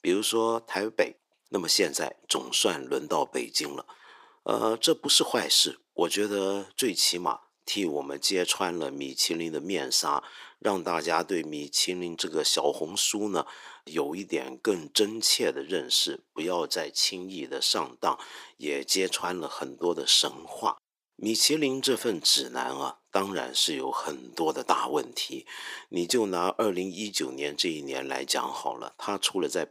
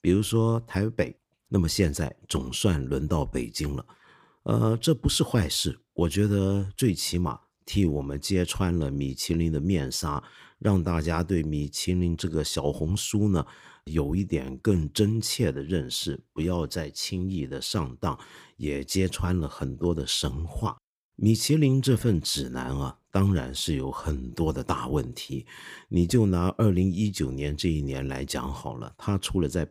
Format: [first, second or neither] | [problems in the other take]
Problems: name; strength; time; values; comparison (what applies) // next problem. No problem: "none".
second | thin; very; fading below 350 Hz